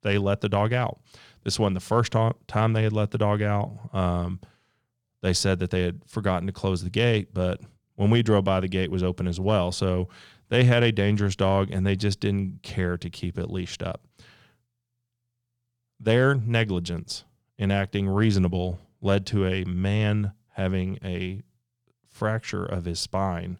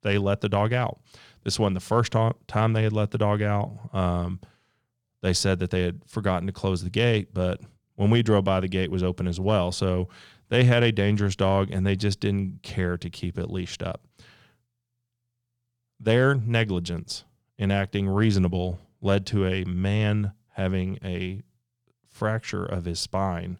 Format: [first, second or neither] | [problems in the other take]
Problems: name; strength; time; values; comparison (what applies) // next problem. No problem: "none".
neither | none